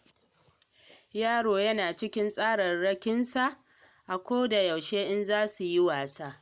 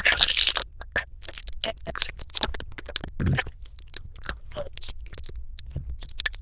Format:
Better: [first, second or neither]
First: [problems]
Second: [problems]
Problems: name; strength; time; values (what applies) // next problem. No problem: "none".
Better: first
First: none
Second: noise reduction (neural diffusion model UNIVERSE++)